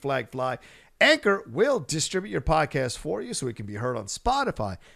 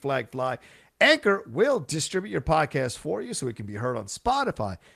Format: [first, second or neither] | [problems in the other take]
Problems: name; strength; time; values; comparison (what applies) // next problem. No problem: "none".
first | garbled, watery; slightly; nothing above 14 kHz